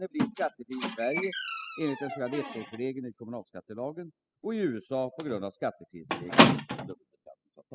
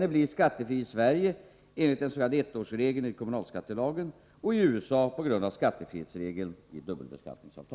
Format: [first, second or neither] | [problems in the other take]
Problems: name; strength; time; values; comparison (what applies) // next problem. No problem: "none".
second | noise reduction (classical method spectral subtraction)